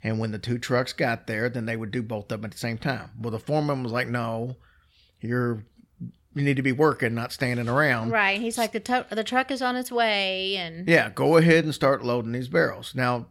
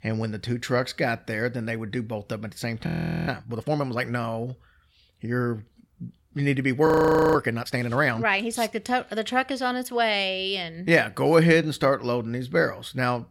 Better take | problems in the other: first | audio freezing; at 3 s and at 7 s

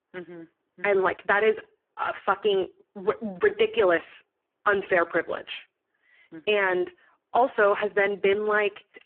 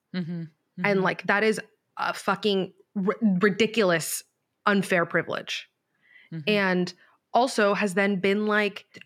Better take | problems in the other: second | phone-call audio; poor line

